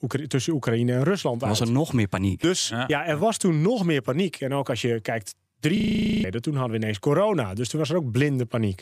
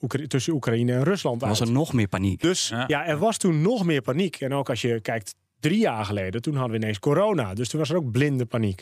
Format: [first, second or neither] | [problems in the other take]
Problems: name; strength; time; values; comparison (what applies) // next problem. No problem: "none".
second | audio freezing; at 6 s